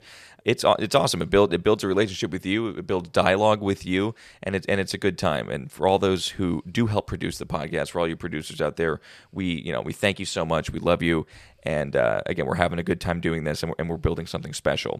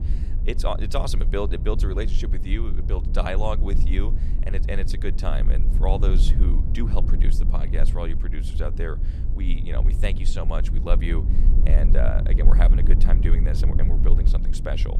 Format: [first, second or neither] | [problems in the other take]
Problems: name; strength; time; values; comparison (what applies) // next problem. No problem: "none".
first | low rumble; loud; throughout; 8 dB below the speech